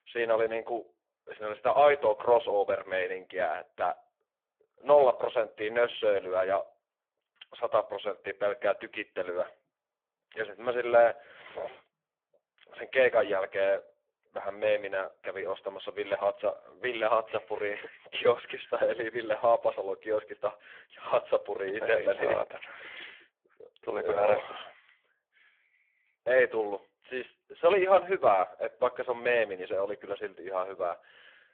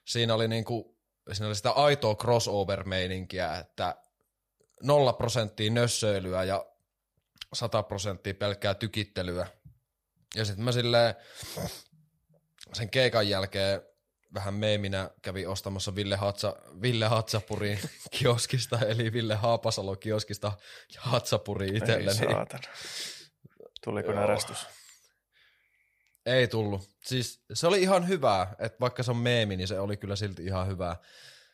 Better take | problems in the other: second | phone-call audio; poor line

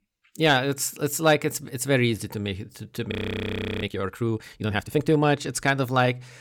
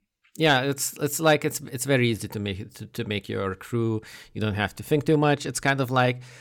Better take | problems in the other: second | audio freezing; at 3 s for 0.5 s

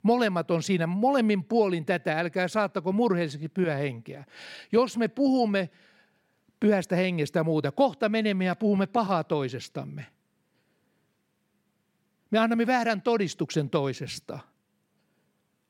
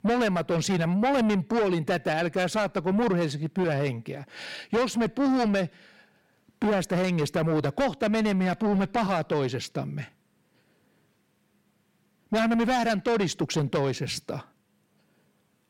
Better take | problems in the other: first | distortion; heavy; 7 dB below the speech

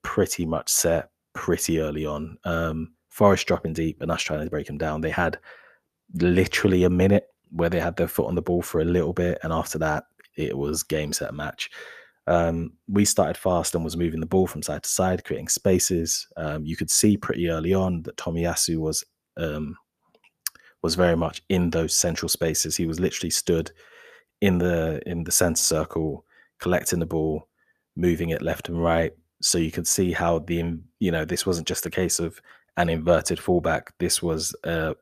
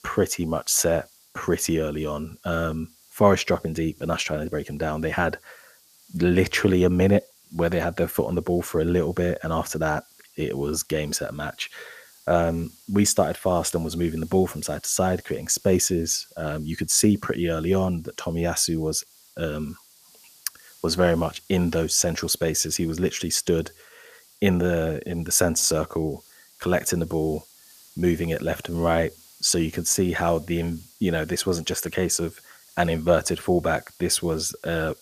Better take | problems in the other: first | hiss; faint; throughout; 25 dB below the speech

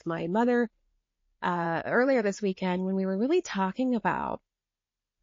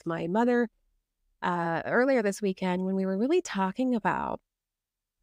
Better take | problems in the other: second | garbled, watery; slightly

